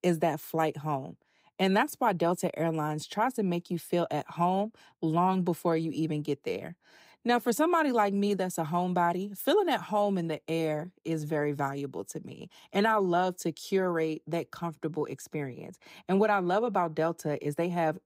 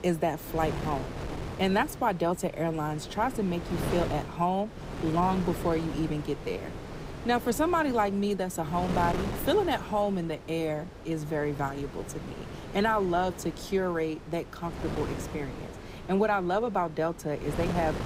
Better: first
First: none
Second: wind noise on the microphone; occasional gusts; 10 dB below the speech

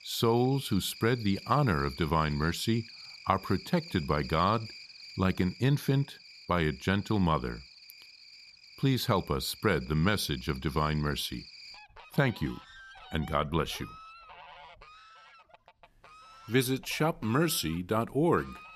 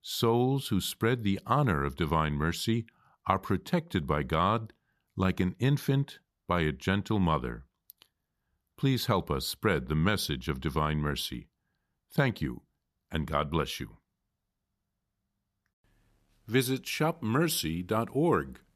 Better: second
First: animal sounds; noticeable; throughout; 20 dB below the speech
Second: none

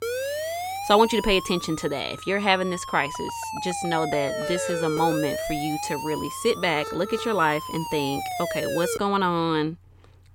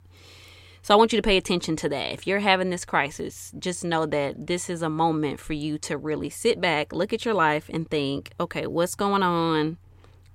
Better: second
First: siren; noticeable; until 9 s; peak 3 dB below the speech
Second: none

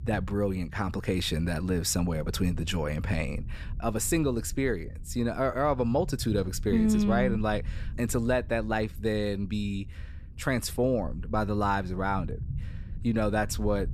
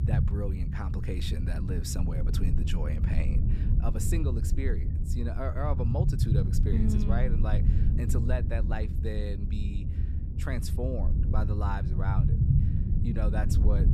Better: first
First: low rumble; faint; throughout; 25 dB below the speech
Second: low rumble; loud; throughout; 4 dB below the speech

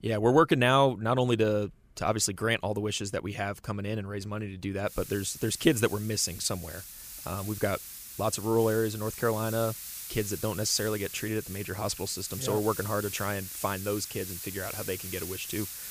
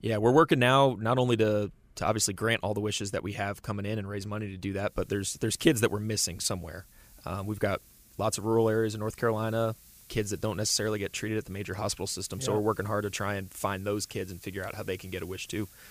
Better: second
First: hiss; loud; from 5 s on; 10 dB below the speech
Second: hiss; faint; from 5 s on; 25 dB below the speech

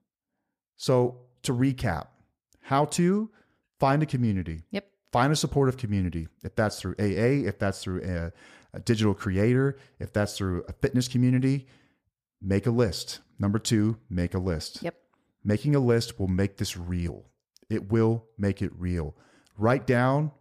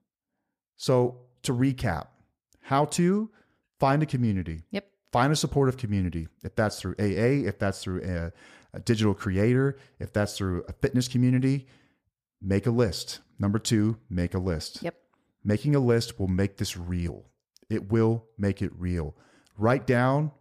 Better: neither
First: none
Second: none

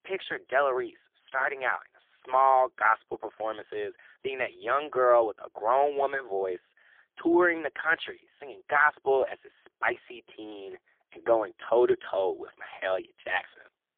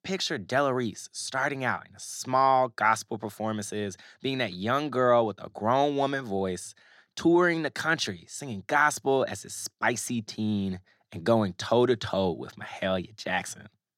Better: second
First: phone-call audio; poor line; nothing above 3.5 kHz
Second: none

